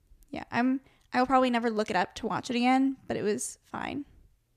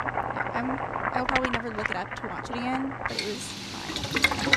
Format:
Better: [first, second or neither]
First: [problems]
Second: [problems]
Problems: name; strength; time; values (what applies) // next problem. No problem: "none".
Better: first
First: none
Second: household noises; very loud; throughout; 5 dB above the speech